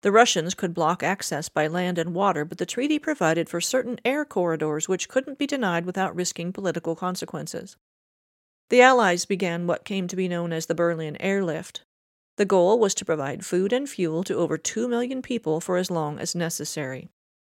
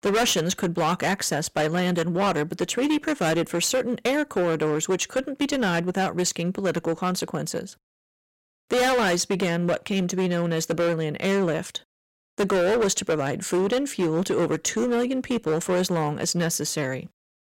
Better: first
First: none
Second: distortion; heavy; 15% of the sound clipped

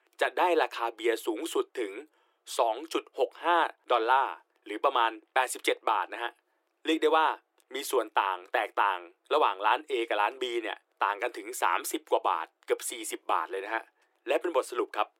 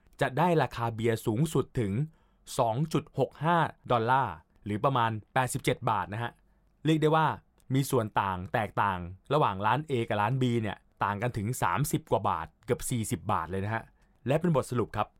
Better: second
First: thin; very; fading below 350 Hz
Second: none

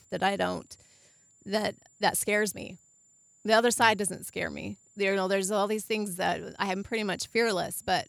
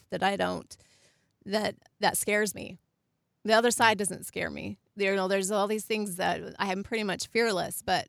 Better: second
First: high-pitched whine; faint; throughout; 7 kHz, 30 dB below the speech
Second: none

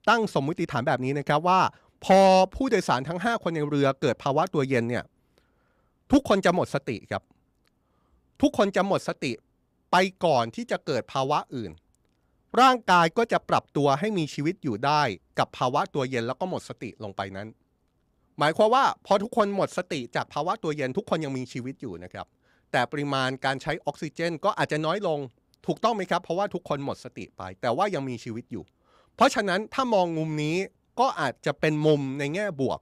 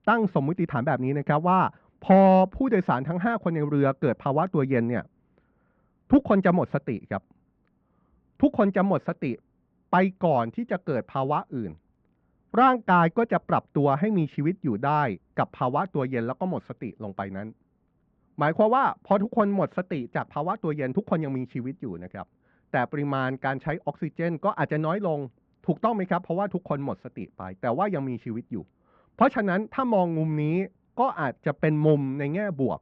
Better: first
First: none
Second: muffled; very; fading above 2 kHz

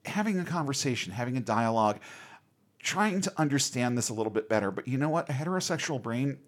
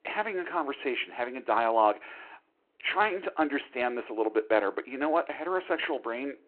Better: first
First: none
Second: phone-call audio

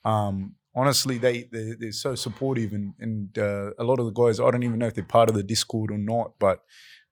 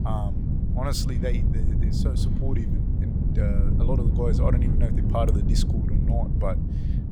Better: first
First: none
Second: wind noise on the microphone; heavy; 3 dB below the speech

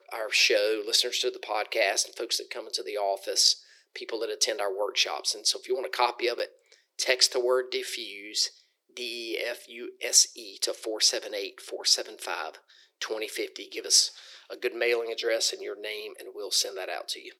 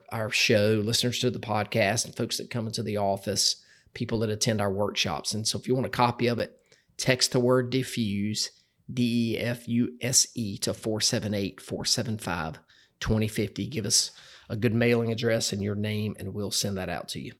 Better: second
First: thin; very; fading below 350 Hz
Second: none

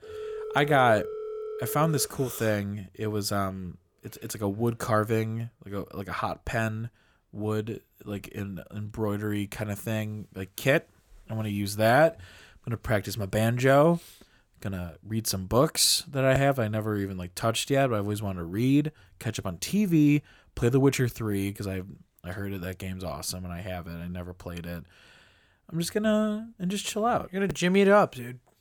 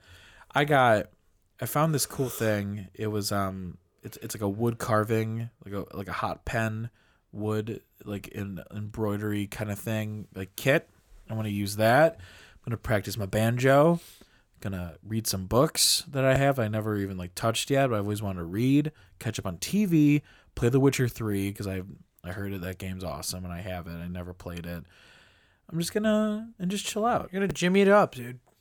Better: second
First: phone ringing; noticeable; until 2 s; peak 9 dB below the speech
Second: none

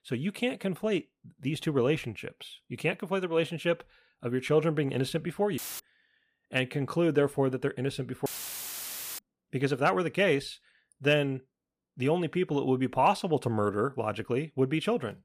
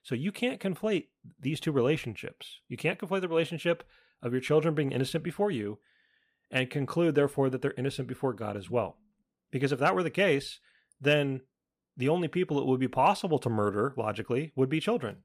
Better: second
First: audio cutting out; filled with static; at 5.5 s and at 8.5 s for 1 s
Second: none

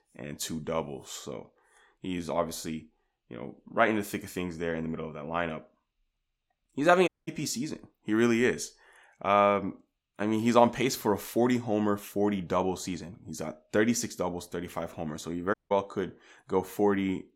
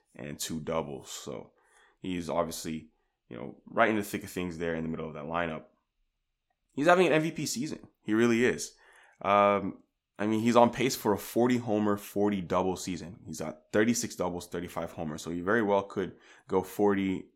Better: second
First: audio cutting out; at 7 s and at 16 s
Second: none

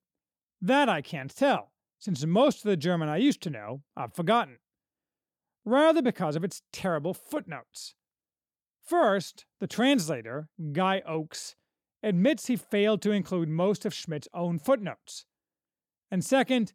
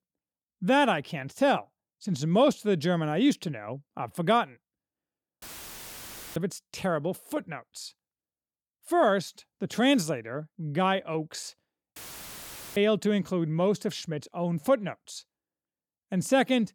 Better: first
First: none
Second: audio cutting out; filled with static; at 5.5 s for 1 s and at 12 s for 1 s

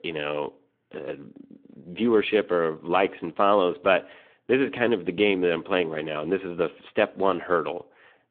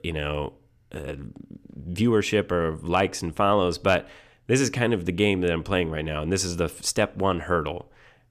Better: second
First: phone-call audio; nothing above 3.5 kHz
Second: none

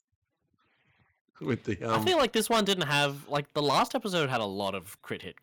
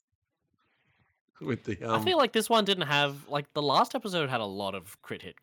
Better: second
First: distortion; slight; 4% of the sound clipped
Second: none

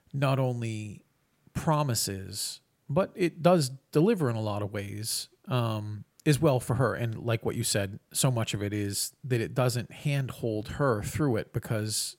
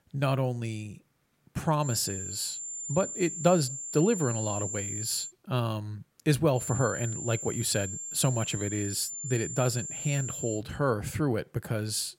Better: first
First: none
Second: high-pitched whine; loud; from 2 to 5.5 s and from 6.5 to 11 s; 7.5 kHz, 5 dB below the speech

